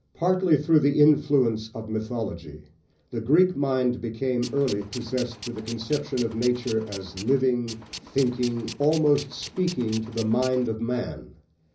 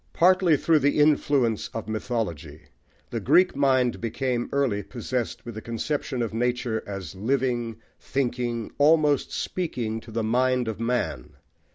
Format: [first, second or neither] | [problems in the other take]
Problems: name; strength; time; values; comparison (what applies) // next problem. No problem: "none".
second | background sound (Tools); 15 dB below the speech // room echo; dies away in 0.5 s